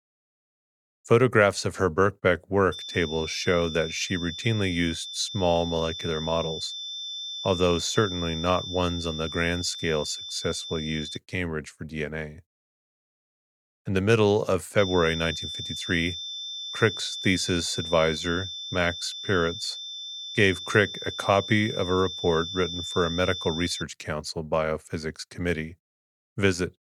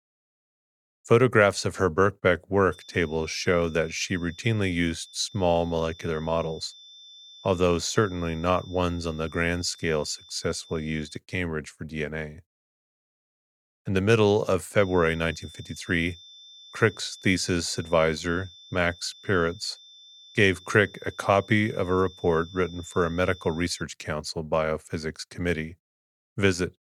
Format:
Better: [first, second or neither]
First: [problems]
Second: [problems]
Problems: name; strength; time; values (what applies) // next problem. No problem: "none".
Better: second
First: high-pitched whine; loud; from 2.5 to 11 s and from 15 to 24 s; 3.5 kHz, 7 dB below the speech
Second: high-pitched whine; faint; from 2.5 to 11 s and from 15 to 24 s; 3.5 kHz, 20 dB below the speech